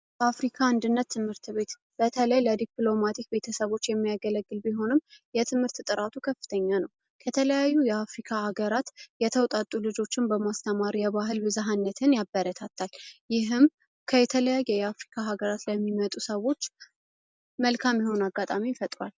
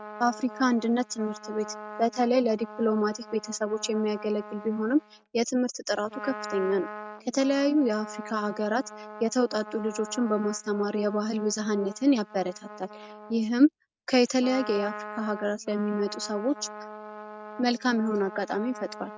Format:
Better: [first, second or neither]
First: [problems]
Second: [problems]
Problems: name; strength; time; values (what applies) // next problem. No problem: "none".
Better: first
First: none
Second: noise reduction (neural mask model RNNoise)